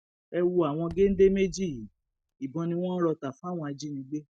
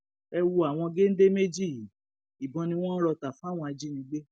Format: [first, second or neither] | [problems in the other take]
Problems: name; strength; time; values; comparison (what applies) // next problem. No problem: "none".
second | noise reduction (neural mask model RNNoise)